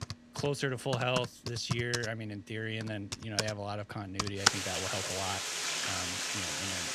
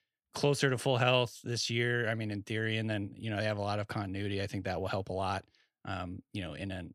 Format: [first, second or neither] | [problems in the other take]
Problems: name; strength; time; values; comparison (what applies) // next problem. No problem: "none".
second | household noises; very loud; throughout; 3 dB above the speech